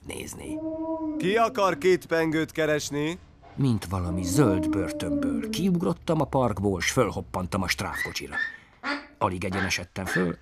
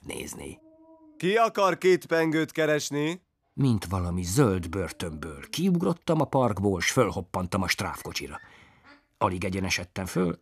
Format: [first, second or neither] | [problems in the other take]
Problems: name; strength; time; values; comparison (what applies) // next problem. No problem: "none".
second | animal sounds; loud; throughout; 5 dB below the speech; faint in the second